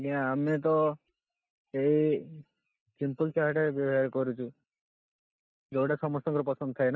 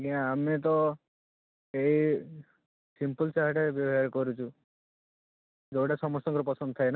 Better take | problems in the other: second | noise reduction (neural mask model DeepFilterNet 3)

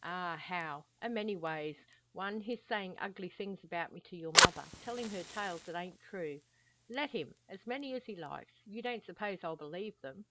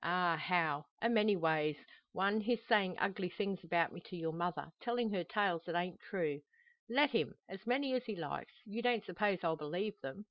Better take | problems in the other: second | background sound (Fire); 2 dB above the speech

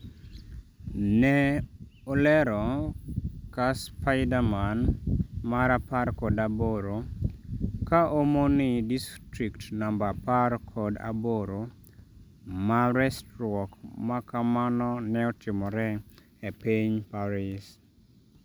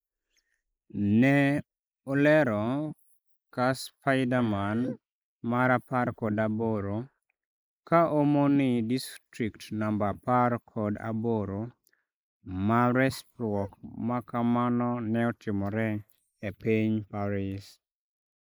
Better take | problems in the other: first | noise reduction (neural mask model Resemble Enhance denoiser)

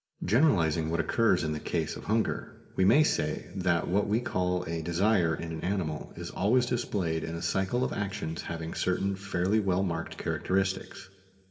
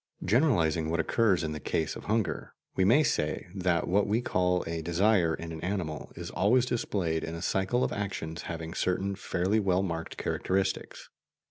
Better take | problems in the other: second | room echo; dies away in 1.4 s

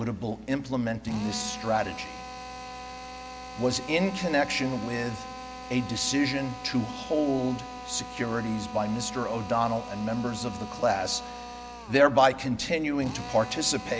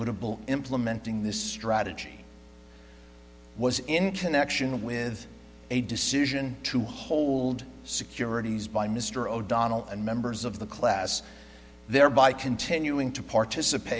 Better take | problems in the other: second | background sound (Drill); 12 dB below the speech

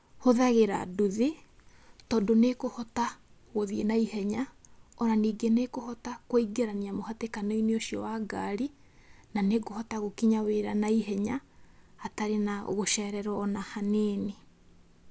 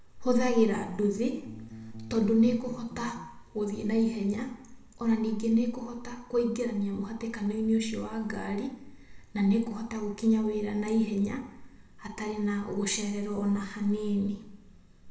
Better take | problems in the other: first | background sound (Bass guitar); 16 dB below the speech // room echo; dies away in 0.7 s

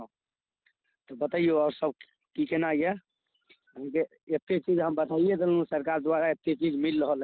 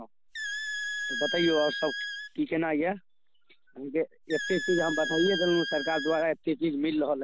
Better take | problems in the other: first | background sound (Squeak); 7 dB below the speech

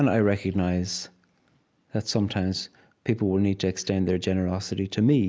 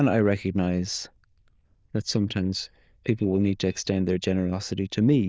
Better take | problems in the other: first | noise reduction (neural diffusion model UNIVERSE++)

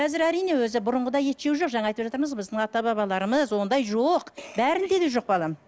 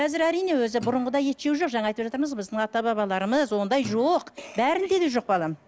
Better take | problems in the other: first | background sound (Guitar); 20 dB below the speech

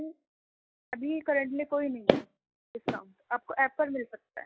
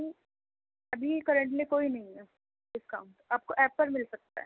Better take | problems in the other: second | noise reduction (classical method log-MMSE)

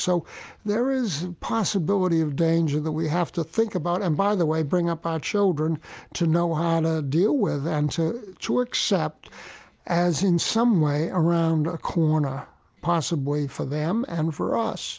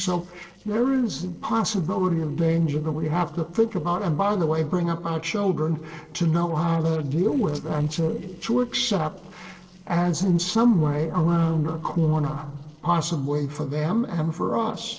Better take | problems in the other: first | noise reduction (neural separator model SepFormer DNS4)

